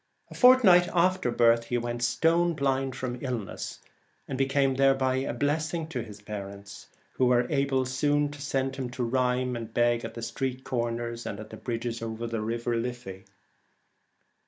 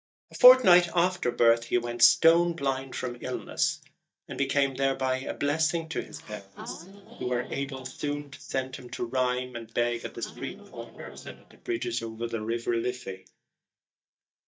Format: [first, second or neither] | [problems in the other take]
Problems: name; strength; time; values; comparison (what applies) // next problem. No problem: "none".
first | noise reduction (neural mask model DeepFilterNet 3)